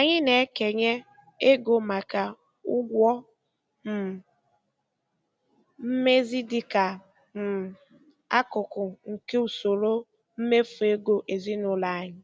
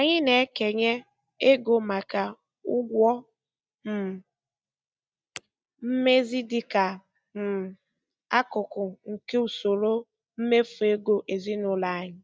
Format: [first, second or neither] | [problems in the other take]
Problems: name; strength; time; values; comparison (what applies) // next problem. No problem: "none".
first | noise reduction (neural mask model DeepFilterNet 3)